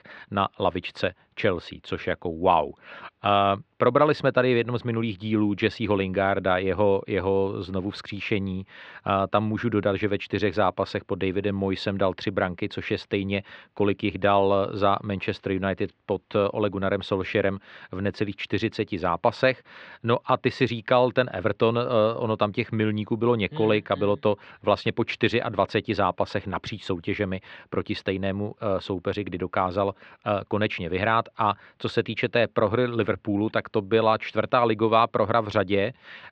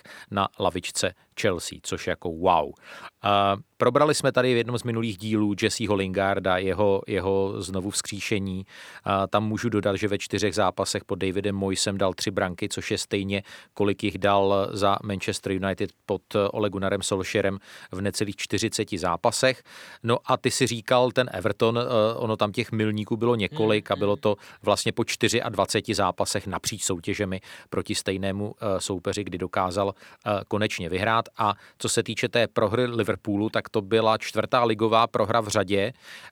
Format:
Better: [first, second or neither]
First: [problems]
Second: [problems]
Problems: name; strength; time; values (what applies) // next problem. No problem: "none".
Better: second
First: muffled; slightly; fading above 3.5 kHz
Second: none